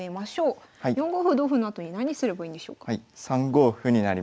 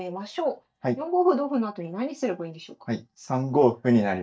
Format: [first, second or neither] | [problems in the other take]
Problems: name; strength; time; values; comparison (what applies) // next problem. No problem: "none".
first | noise reduction (neural mask model DeepFilterNet 3)